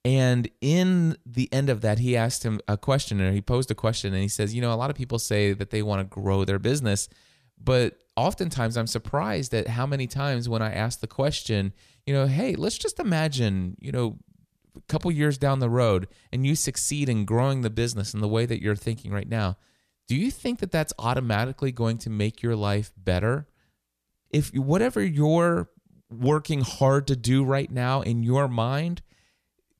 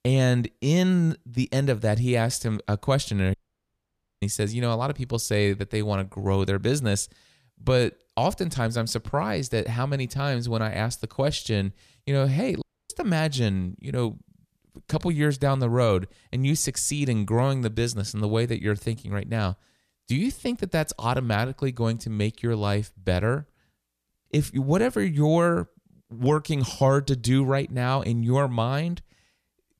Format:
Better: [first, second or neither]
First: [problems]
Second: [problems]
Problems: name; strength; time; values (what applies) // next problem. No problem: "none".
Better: first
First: none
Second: audio cutting out; at 3.5 s for 1 s and at 13 s